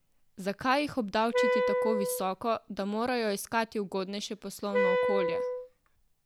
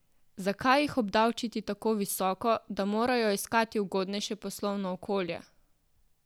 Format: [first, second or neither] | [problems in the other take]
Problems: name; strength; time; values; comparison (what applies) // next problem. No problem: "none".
second | background sound (Wind instrument, woodwind instrument); 3 dB above the speech